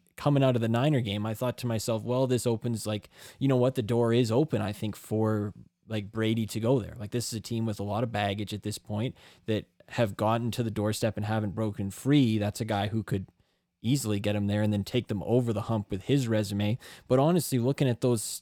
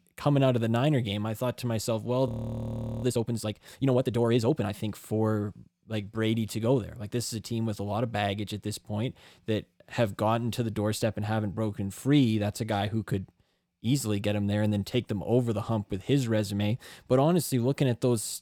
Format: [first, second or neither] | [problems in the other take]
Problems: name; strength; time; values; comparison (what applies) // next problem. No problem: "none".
first | audio freezing; at 2.5 s for 1 s